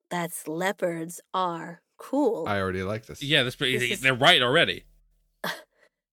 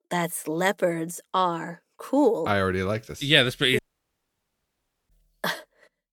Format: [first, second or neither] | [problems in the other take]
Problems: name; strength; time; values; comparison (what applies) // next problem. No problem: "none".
first | audio cutting out; at 4 s for 1.5 s